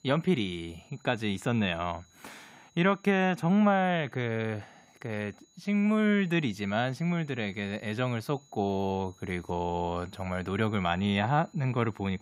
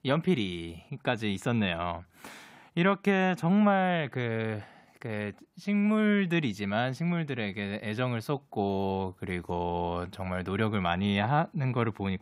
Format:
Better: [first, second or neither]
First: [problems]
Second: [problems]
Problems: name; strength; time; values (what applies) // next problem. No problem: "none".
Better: second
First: high-pitched whine; faint; throughout; 6.5 kHz, 30 dB below the speech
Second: none